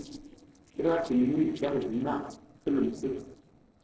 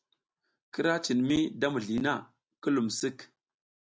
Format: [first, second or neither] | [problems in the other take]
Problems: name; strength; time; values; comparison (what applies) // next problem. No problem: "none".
second | noise reduction (neural separator model SepFormer DNS4)